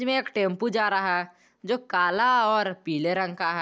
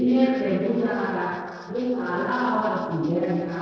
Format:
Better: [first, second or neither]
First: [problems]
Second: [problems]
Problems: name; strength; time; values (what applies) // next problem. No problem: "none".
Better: first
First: none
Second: noise reduction (neural separator model SepFormer DNS4)